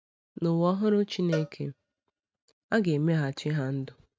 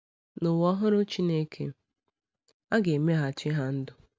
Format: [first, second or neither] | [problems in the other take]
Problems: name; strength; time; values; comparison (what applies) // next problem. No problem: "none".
second | noise reduction (neural mask model RNNoise)